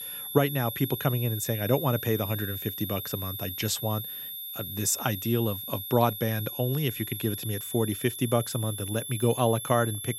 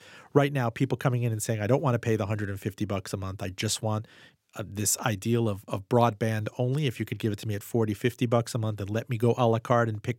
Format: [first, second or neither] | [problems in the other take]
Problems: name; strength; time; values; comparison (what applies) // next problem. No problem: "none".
second | high-pitched whine; loud; throughout; 11.5 kHz, 6 dB below the speech